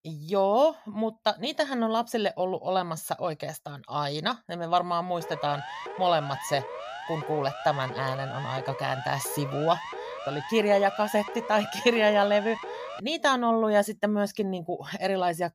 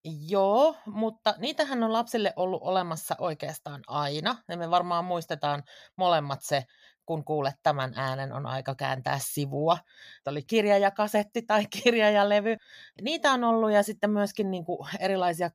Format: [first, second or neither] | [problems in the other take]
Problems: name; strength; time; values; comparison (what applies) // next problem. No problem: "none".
second | siren; noticeable; from 5 to 13 s; peak 9 dB below the speech